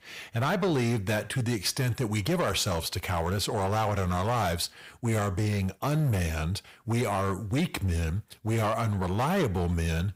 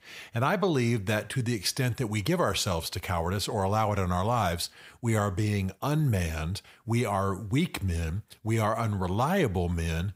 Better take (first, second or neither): second